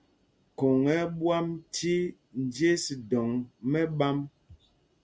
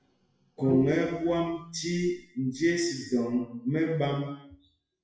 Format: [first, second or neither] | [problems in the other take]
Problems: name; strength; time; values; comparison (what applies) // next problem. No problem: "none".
first | noise reduction (classical method WPE with log-MMSE)